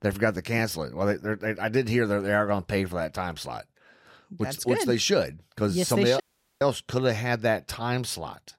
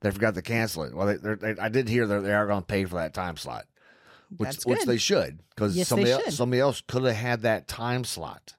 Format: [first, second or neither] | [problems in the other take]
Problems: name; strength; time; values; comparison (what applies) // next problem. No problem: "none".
second | audio cutting out; at 6 s